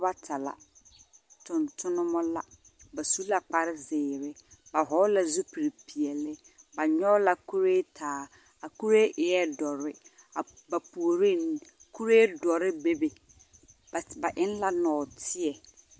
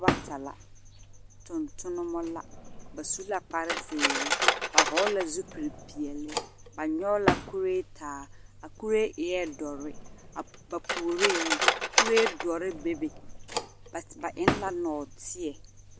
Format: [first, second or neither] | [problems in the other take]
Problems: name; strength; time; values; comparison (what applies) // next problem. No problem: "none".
first | background sound (Cutlery, silverware); as loud as the speech